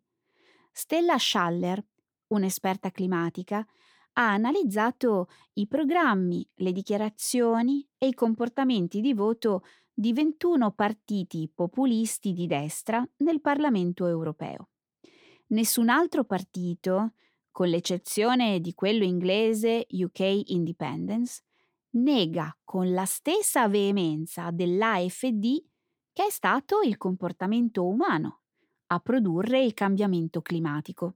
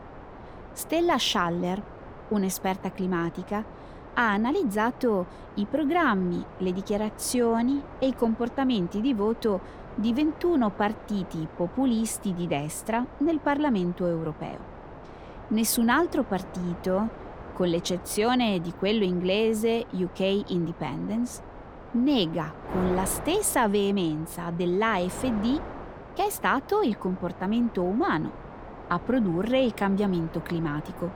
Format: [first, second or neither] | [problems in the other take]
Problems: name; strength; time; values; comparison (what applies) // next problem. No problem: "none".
first | wind noise on the microphone; occasional gusts; 15 dB below the speech